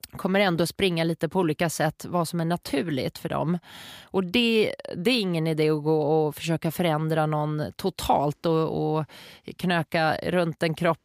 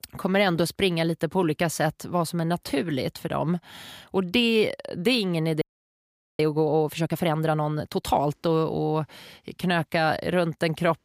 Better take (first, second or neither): first